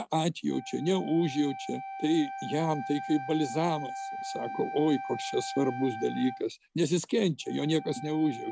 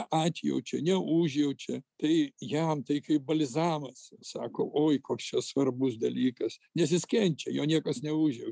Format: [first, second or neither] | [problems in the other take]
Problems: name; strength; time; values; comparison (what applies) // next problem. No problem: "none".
second | background sound (Wind instrument, woodwind instrument); 10 dB below the speech